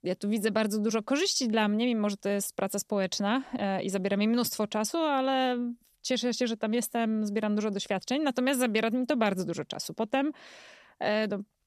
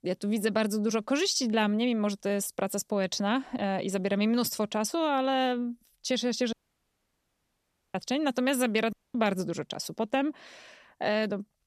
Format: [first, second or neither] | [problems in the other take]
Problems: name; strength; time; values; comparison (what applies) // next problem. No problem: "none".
first | audio cutting out; at 6.5 s for 1.5 s and at 9 s